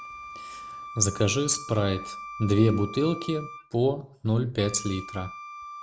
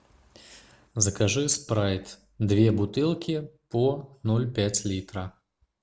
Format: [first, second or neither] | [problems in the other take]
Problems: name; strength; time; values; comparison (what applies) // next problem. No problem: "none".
second | background sound (Wind instrument, woodwind instrument); 13 dB below the speech